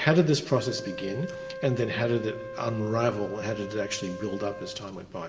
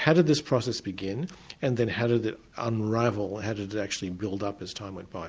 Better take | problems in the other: second | background sound (Wind instrument, woodwind instrument); 11 dB below the speech // room echo; dies away in 2.5 s

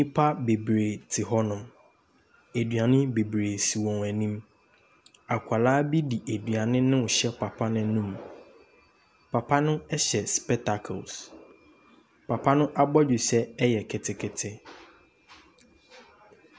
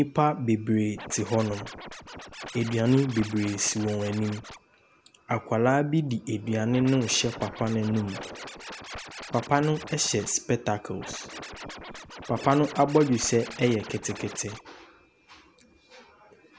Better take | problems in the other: first | background sound (Scratching (performance technique)); 14 dB below the speech

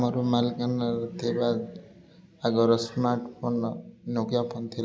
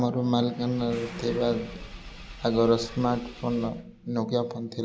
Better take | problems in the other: first | background sound (Engine / Car + Explosion); 17 dB below the speech

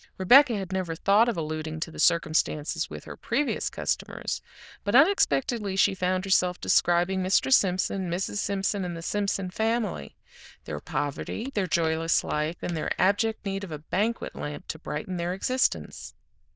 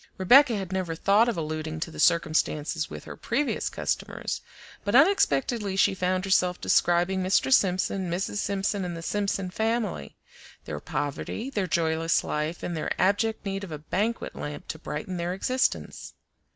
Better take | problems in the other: second | noise reduction (neural diffusion model UNIVERSE++)

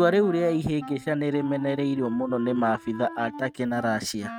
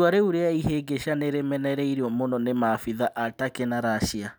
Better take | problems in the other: second | noise reduction (neural mask model RNNoise)

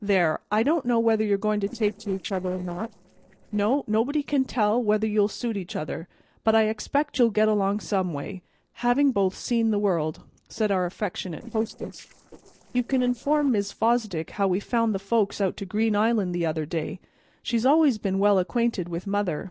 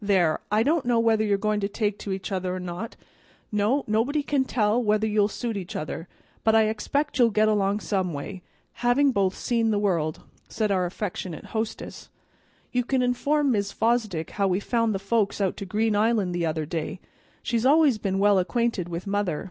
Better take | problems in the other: second | noise reduction (neural separator model SepFormer DNS4)

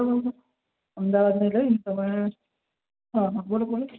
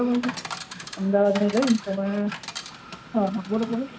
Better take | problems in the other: first | background sound (Coin (dropping) / Chatter); 12 dB below the speech

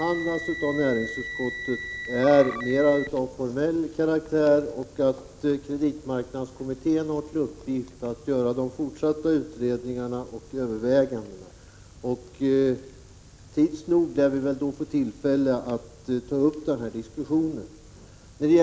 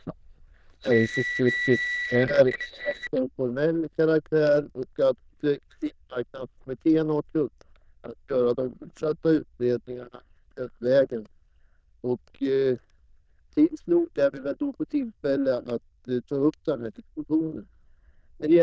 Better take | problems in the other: first | noise reduction (neural diffusion model UNIVERSE++)

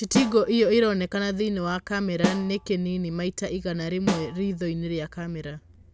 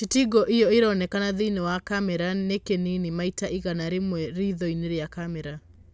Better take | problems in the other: second | background sound (Snare drum); 7 dB below the speech

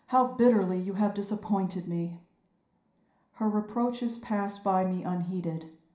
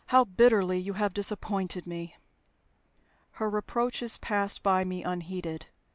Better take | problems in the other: second | room echo; dies away in 0.5 s

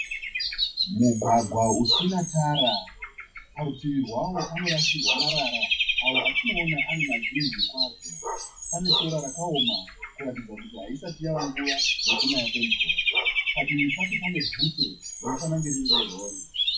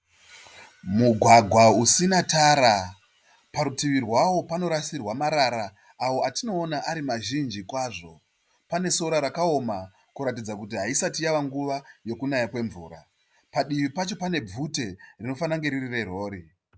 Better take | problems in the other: second | noise reduction (classical method WPE with log-MMSE)

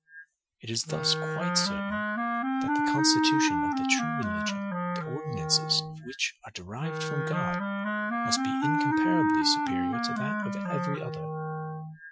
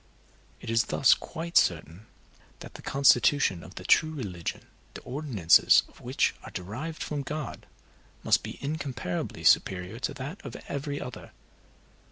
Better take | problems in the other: second | noise reduction (classical method Wiener filter)

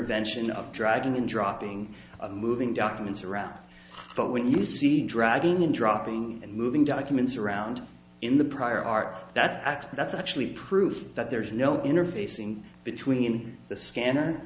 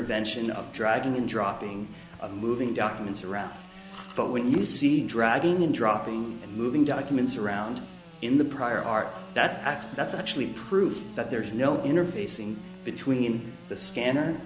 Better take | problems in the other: first | background sound (Sawing / Engine); 18 dB below the speech

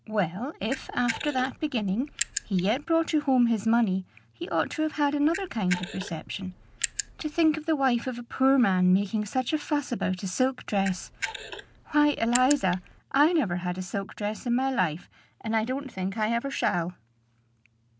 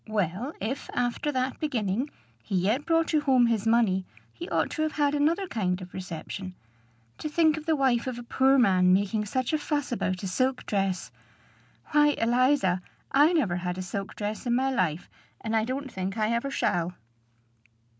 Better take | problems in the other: second | background sound (Camera); 10 dB below the speech

